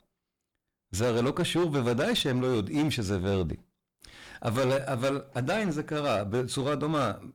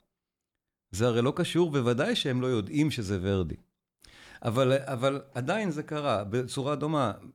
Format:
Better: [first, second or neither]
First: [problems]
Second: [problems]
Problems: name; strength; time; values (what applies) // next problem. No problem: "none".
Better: second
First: distortion; heavy; 12% of the sound clipped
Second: none